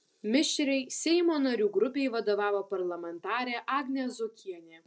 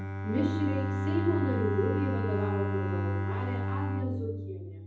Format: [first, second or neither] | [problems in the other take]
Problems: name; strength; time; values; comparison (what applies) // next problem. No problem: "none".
first | background sound (Bowed string instrument); 2 dB above the speech // room echo; dies away in 0.8 s